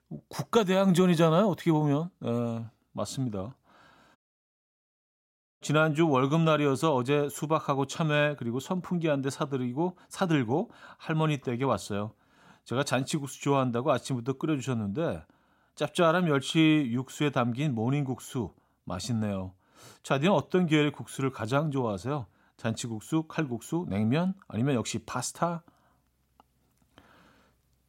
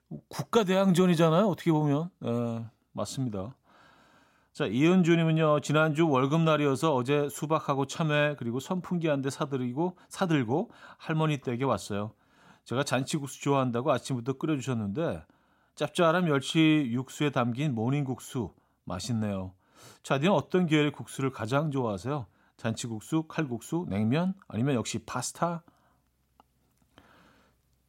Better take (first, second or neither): second